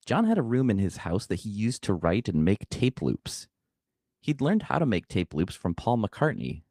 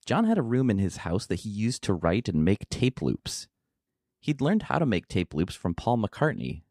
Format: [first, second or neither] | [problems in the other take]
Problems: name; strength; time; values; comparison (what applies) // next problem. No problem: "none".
second | garbled, watery; slightly; nothing above 15 kHz